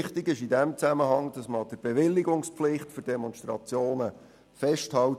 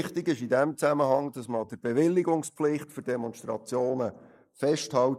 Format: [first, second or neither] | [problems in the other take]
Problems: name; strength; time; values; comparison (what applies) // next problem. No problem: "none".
first | noise reduction (neural mask model Resemble Enhance denoiser)